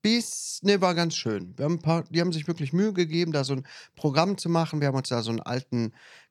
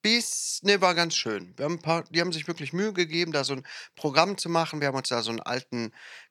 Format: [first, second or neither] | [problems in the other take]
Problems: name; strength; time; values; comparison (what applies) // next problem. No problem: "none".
first | thin; somewhat; fading below 550 Hz